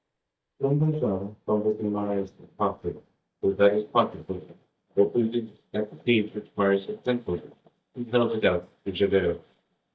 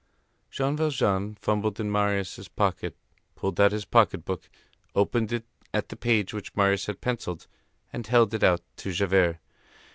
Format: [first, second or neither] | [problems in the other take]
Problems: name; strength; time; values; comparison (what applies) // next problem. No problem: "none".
second | noise reduction (neural mask model DeepFilterNet 3)